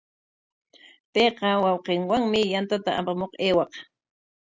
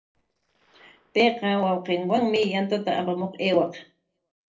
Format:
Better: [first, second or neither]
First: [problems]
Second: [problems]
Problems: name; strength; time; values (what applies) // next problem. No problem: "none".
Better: first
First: none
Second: noise reduction (neural separator model SepFormer DNS4)